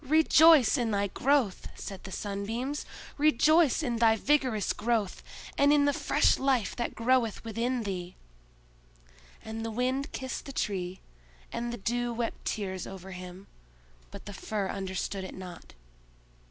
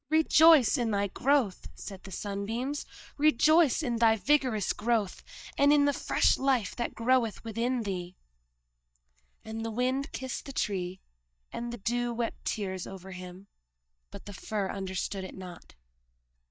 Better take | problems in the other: first | noise reduction (neural mask model DeepFilterNet 3)

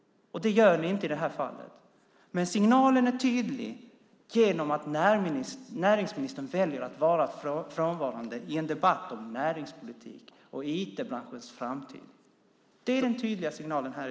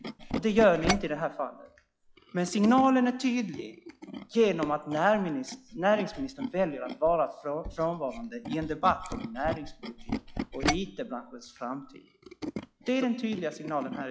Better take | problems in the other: first | noise reduction (classical method log-MMSE)

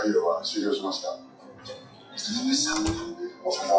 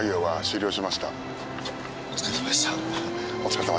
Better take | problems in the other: second | noise reduction (classical method WPE with log-MMSE)

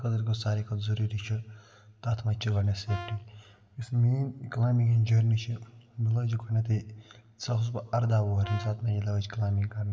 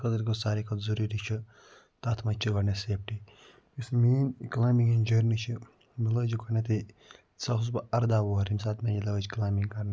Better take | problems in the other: second | background sound (Brass instrument); 17 dB below the speech // room echo; dies away in 1.5 s

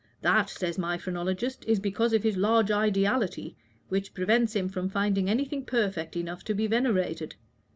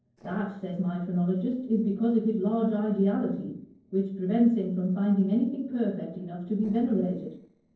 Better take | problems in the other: first | noise reduction (neural separator model SepFormer DNS4)

